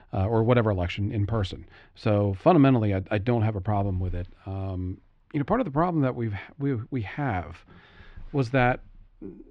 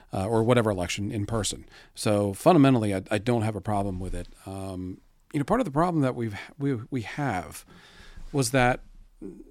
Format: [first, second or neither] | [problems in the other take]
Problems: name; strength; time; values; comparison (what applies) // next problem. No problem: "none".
second | muffled; slightly; fading above 3 kHz